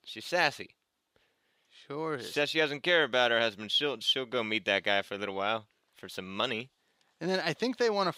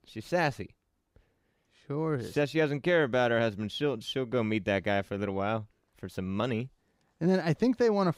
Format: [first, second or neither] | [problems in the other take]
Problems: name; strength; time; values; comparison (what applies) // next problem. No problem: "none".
second | thin; somewhat; fading below 850 Hz